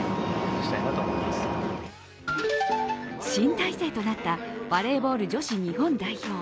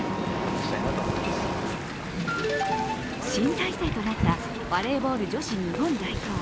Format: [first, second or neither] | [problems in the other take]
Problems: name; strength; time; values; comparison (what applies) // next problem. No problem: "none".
first | background sound (Wind + Whoosh, swoosh, swish); 4 dB below the speech